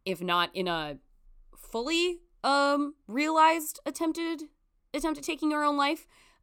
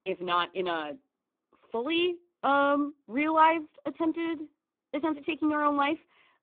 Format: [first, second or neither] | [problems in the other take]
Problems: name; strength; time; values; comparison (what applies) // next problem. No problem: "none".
first | phone-call audio; poor line